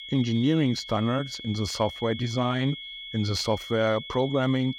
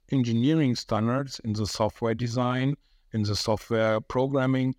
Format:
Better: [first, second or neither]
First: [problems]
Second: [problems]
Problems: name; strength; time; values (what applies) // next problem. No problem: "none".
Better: second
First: high-pitched whine; noticeable; throughout; 3.5 kHz, 10 dB below the speech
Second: none